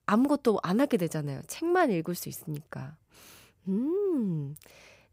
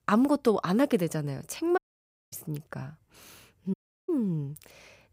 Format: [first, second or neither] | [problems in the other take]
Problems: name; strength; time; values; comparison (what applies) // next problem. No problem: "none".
first | audio cutting out; at 2 s for 0.5 s and at 3.5 s